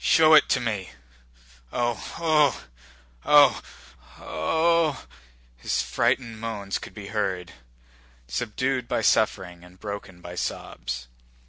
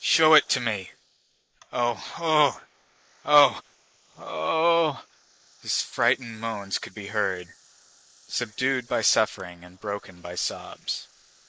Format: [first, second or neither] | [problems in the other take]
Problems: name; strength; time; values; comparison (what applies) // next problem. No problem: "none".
first | noise reduction (neural mask model Resemble Enhance denoiser)